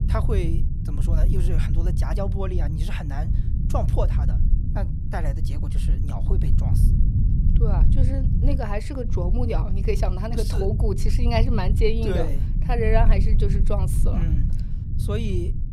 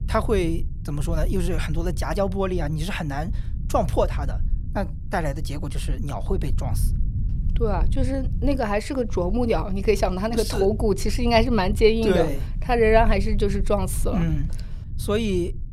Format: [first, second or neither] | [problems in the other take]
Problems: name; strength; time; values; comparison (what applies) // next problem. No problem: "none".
second | low rumble; loud; throughout; 8 dB below the speech; faint in the second